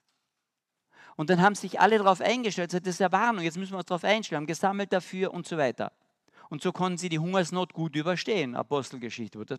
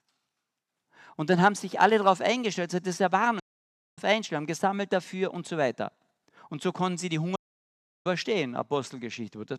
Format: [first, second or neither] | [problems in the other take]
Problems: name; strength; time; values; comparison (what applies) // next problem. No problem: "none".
first | audio cutting out; at 3.5 s for 0.5 s and at 7.5 s for 0.5 s